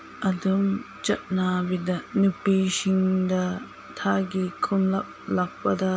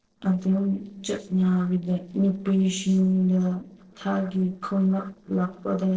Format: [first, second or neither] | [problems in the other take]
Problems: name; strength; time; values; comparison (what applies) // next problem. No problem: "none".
first | noise reduction (neural separator model SepFormer DNS4)